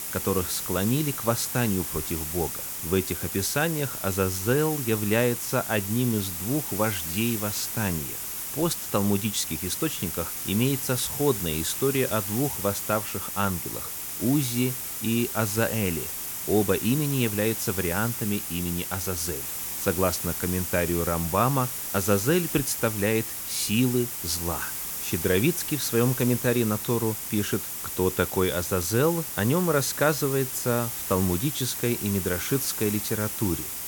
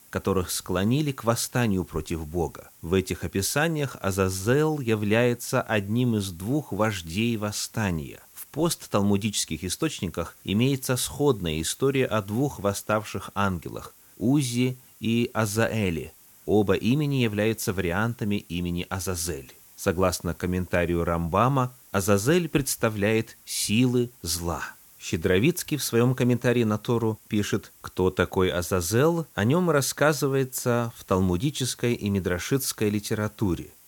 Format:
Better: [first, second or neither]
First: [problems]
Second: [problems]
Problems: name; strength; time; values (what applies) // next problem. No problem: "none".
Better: second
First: hiss; loud; throughout; 3 dB below the speech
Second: hiss; faint; throughout; 25 dB below the speech